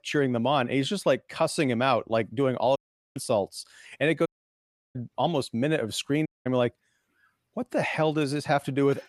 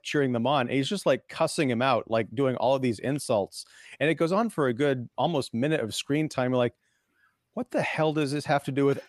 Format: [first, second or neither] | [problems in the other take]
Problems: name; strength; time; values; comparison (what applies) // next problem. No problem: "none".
second | audio cutting out; at 3 s, at 4.5 s for 0.5 s and at 6.5 s